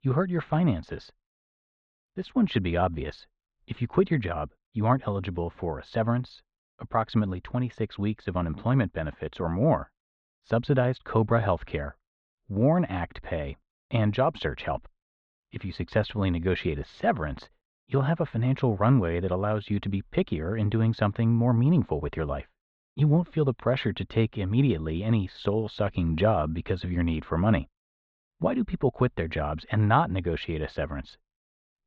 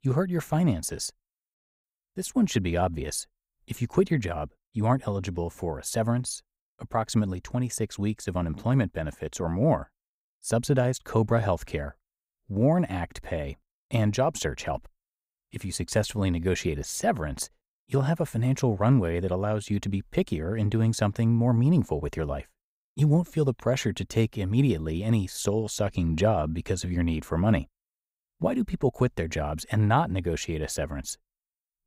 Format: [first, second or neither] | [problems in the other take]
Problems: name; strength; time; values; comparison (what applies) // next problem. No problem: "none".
second | muffled; very; fading above 3.5 kHz